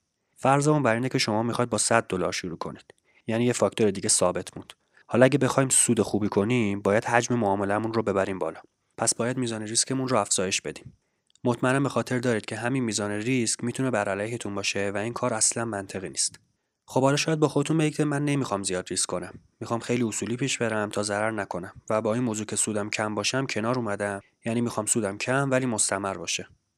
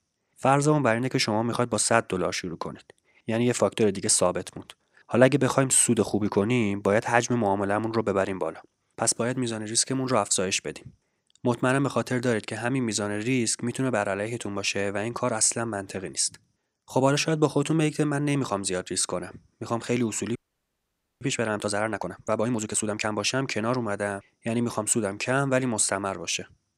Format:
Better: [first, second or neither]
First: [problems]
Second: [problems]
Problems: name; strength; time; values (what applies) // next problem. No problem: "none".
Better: first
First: none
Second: audio freezing; at 20 s for 1 s